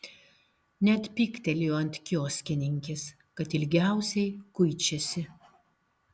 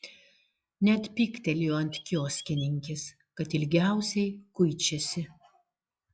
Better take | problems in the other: first | noise reduction (classical method log-MMSE)

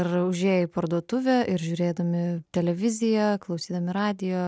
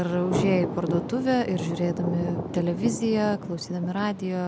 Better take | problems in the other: first | background sound (Thunder); 6 dB below the speech

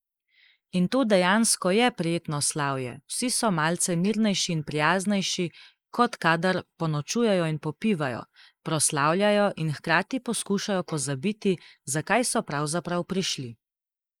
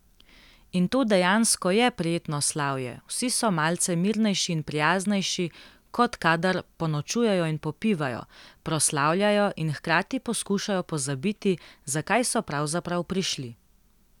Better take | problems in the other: second | noise reduction (neural mask model Resemble Enhance denoiser)

